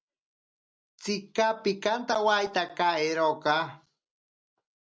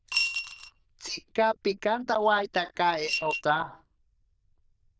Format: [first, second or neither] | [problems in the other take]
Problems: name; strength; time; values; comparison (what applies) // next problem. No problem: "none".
first | noise reduction (neural diffusion model UNIVERSE++)